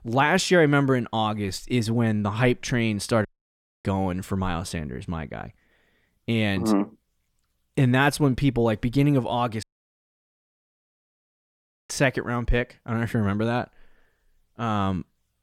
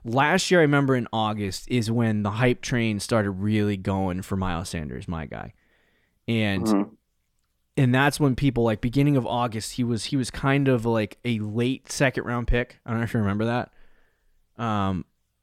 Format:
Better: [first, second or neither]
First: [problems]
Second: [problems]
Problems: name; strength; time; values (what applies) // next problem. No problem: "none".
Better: second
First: audio cutting out; at 3.5 s for 0.5 s and at 9.5 s for 2.5 s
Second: none